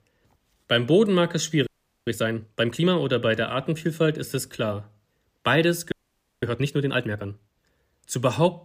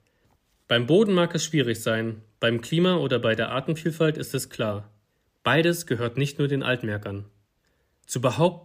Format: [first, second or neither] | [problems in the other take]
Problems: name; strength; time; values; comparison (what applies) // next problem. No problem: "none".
second | audio freezing; at 1.5 s and at 6 s for 0.5 s